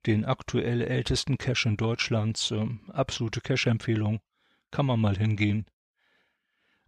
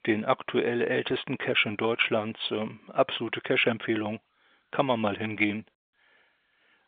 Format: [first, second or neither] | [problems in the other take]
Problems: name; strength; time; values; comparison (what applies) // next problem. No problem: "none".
first | phone-call audio